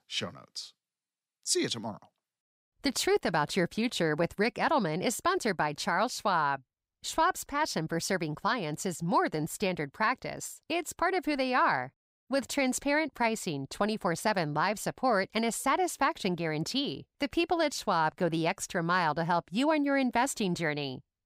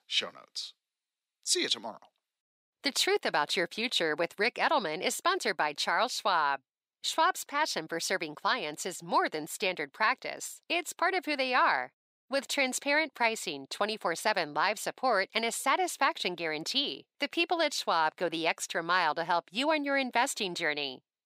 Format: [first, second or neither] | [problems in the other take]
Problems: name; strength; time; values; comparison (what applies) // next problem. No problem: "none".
first | thin; somewhat; fading below 350 Hz